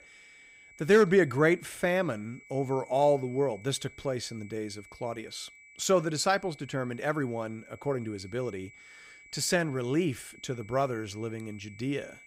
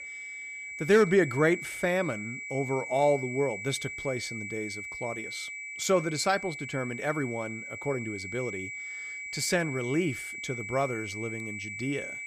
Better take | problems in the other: first | high-pitched whine; loud; throughout; 2.5 kHz, 7 dB below the speech; faint in the first

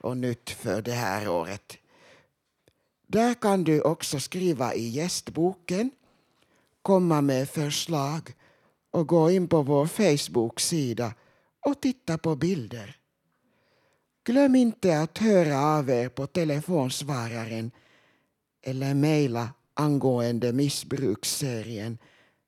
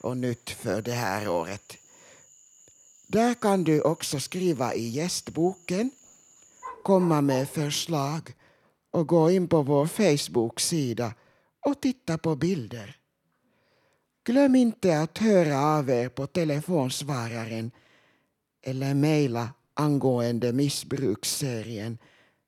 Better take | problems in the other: first | animal sounds; faint; until 8 s; 20 dB below the speech

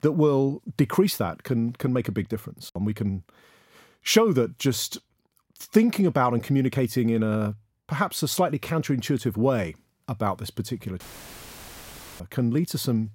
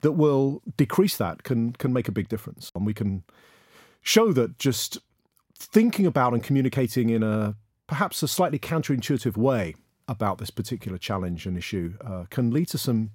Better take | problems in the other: second | audio cutting out; filled with static; at 11 s for 1 s

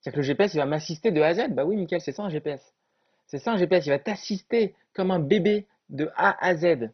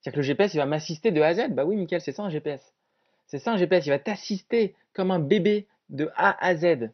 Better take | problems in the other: second | garbled, watery; badly; nothing above 6 kHz; slightly in the second

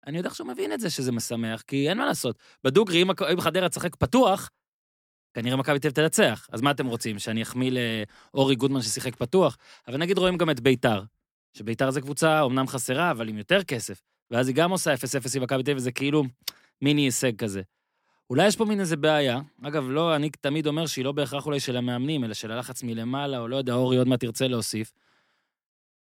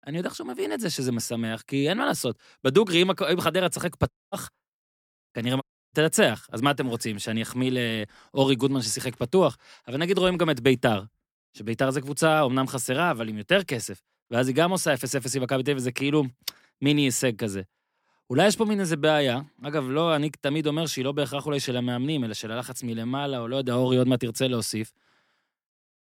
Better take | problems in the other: first | audio cutting out; at 4 s and at 5.5 s

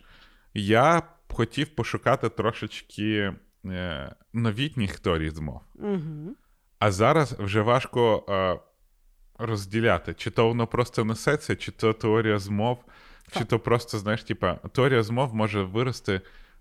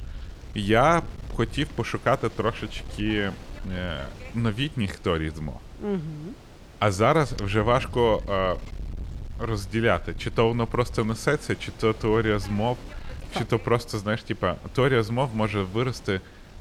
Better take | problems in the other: first | wind noise on the microphone; occasional gusts; 20 dB below the speech

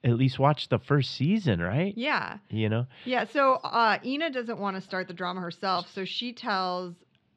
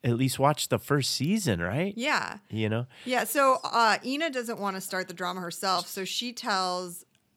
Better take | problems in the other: second | muffled; very slightly; fading above 4 kHz

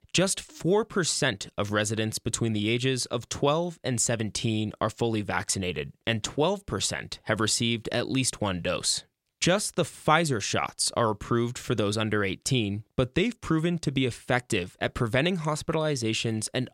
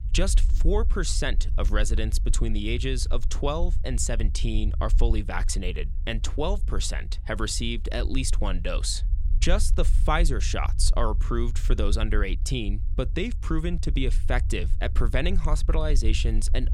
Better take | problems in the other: first | low rumble; noticeable; throughout; 20 dB below the speech

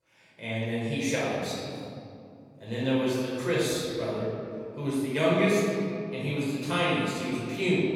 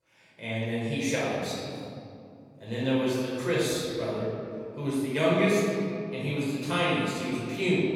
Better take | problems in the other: neither | off-mic speech; far; the same in both // room echo; strong; dies away in 2.4 s; the same in both

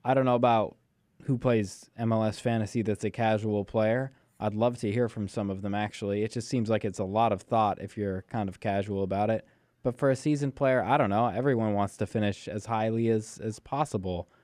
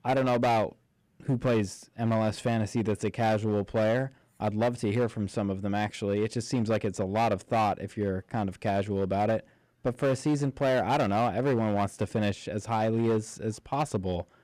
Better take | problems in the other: first | distortion; slight; 9% of the sound clipped

